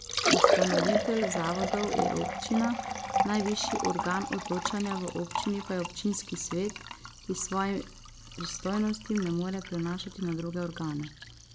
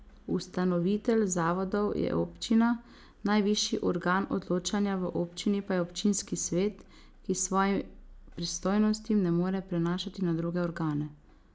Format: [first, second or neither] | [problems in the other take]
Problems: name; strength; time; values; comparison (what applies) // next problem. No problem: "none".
second | background sound (Liquid); as loud as the speech